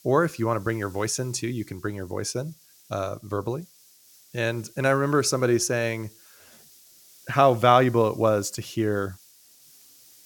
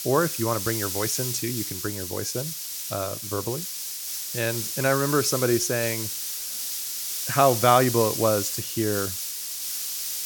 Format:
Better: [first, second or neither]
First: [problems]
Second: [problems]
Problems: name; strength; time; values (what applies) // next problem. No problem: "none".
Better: first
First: hiss; faint; throughout; 25 dB below the speech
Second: hiss; loud; throughout; 3 dB below the speech